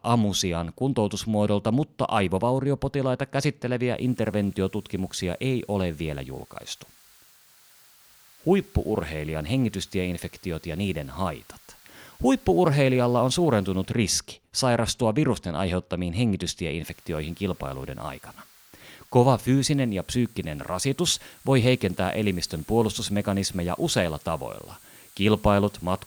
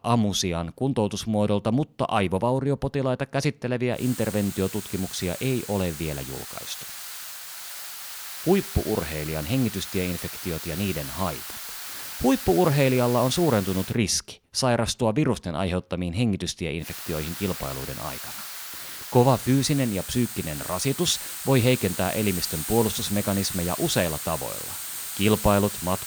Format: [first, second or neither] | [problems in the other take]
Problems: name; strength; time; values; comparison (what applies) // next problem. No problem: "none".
first | hiss; loud; from 4 to 14 s and from 17 s on; 7 dB below the speech; faint in the first